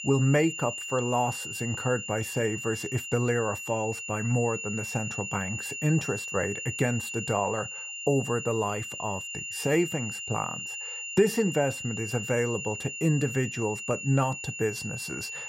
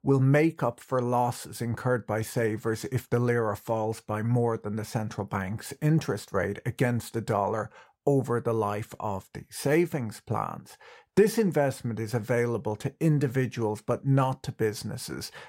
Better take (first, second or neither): second